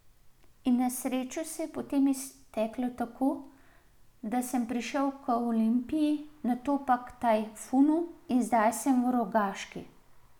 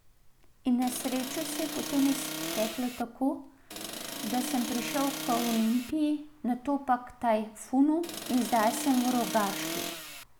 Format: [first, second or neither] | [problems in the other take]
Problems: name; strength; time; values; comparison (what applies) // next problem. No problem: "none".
first | background sound (Accelerating, revving, vroom); 6 dB below the speech